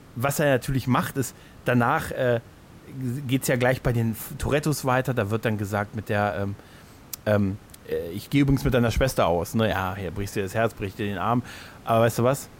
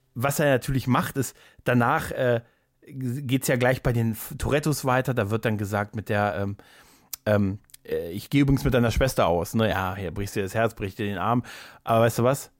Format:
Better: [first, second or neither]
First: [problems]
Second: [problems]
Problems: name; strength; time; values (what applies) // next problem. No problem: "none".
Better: second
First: hiss; faint; throughout; 25 dB below the speech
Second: none